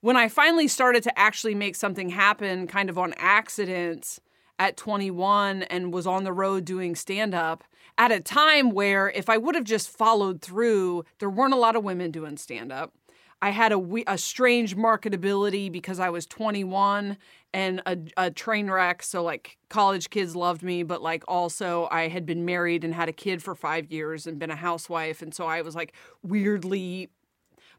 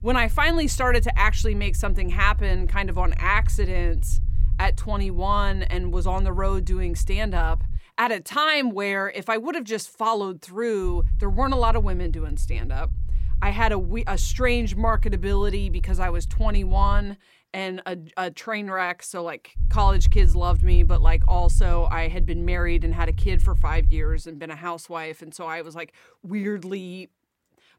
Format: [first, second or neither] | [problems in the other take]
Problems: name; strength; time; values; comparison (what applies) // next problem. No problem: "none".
first | low rumble; faint; until 8 s, from 11 to 17 s and from 20 to 24 s; 20 dB below the speech